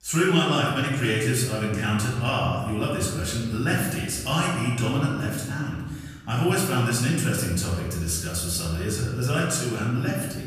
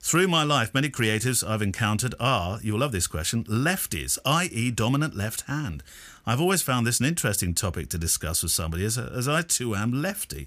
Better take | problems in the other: second | room echo; noticeable; dies away in 1.3 s // off-mic speech; far

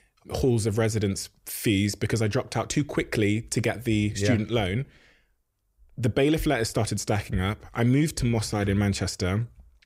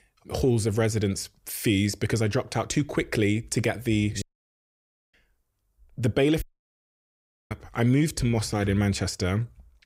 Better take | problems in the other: first | audio cutting out; at 4 s for 1 s and at 6.5 s for 1 s

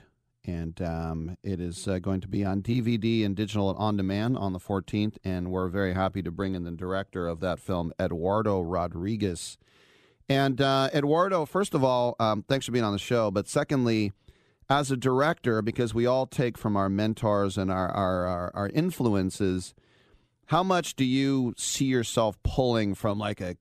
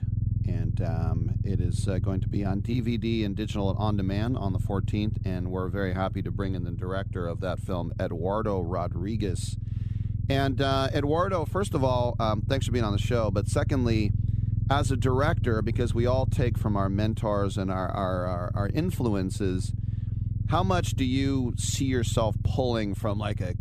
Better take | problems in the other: first | low rumble; noticeable; throughout; 15 dB below the speech

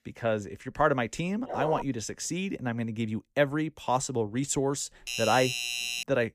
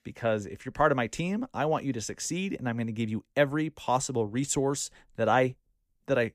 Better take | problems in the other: second | dog barking; noticeable; at 1.5 s; peak 5 dB below the speech // doorbell; noticeable; at 5 s; peak level with the speech

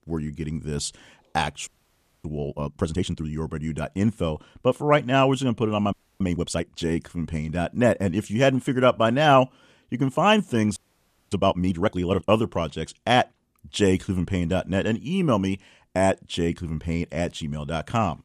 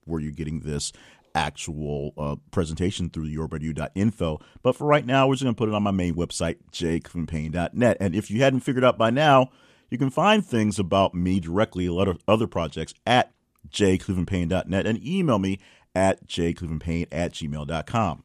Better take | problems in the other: second | audio freezing; at 1.5 s for 0.5 s, at 6 s and at 11 s for 0.5 s

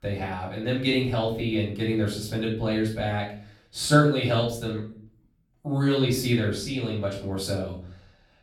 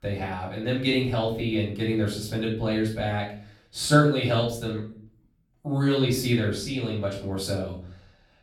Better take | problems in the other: neither | off-mic speech; far; the same in both // room echo; noticeable; dies away in 0.5 s; the same in both

